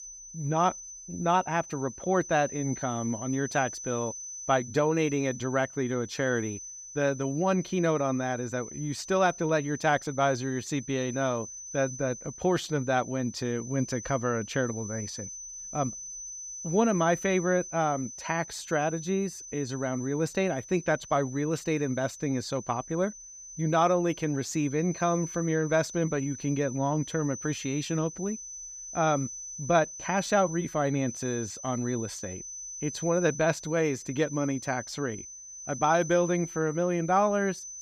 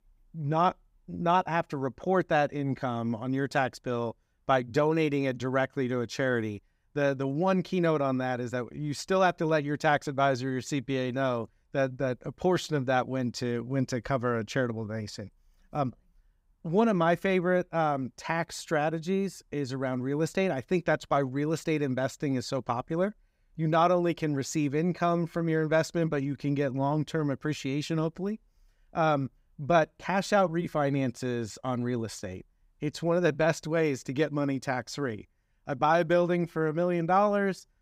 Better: second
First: high-pitched whine; noticeable; throughout; 6 kHz, 10 dB below the speech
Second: none

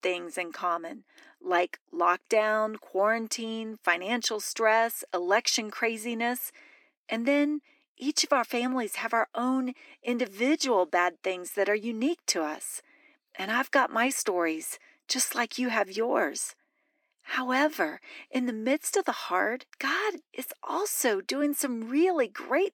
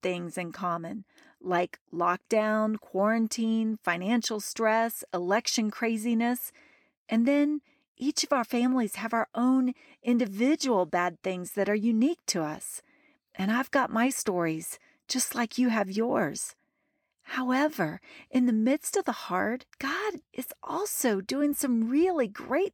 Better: second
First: thin; very slightly; fading below 300 Hz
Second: none

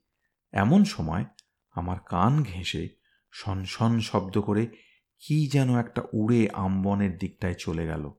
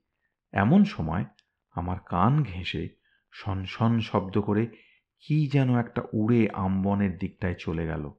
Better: first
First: none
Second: muffled; slightly; fading above 2.5 kHz

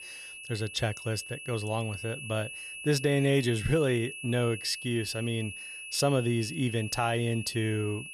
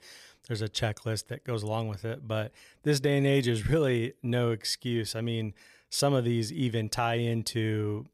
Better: second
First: high-pitched whine; loud; throughout; 2.5 kHz, 9 dB below the speech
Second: none

